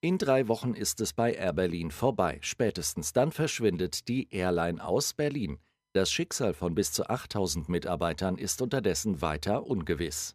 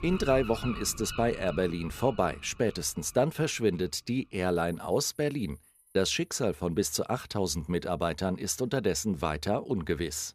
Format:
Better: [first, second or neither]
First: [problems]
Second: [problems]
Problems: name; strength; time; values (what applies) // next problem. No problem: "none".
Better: first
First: none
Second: animal sounds; noticeable; throughout; 15 dB below the speech